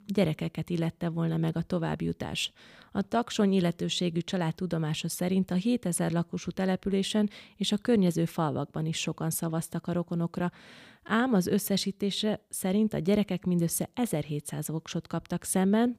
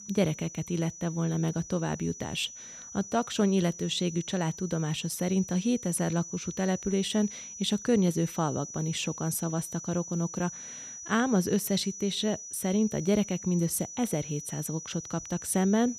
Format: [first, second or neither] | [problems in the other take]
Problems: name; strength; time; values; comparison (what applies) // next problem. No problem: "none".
first | high-pitched whine; noticeable; throughout; 6 kHz, 10 dB below the speech